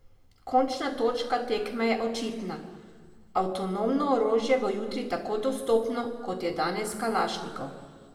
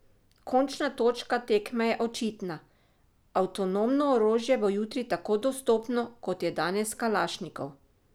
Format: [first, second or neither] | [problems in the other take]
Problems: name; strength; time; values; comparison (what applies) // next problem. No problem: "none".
second | room echo; dies away in 1.6 s